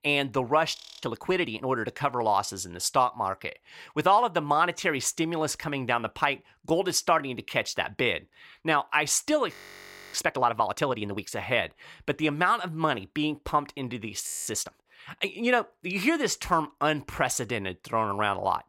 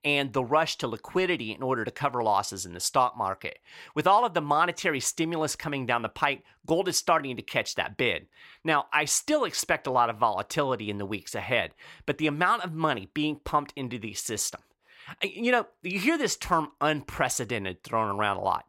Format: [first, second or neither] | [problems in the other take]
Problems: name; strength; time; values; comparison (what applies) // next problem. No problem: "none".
second | audio freezing; at 1 s, at 9.5 s for 0.5 s and at 14 s